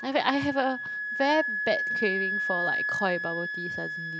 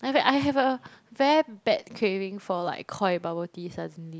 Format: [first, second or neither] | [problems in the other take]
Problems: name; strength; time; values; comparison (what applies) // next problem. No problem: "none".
second | background sound (Wind instrument, woodwind instrument); 2 dB below the speech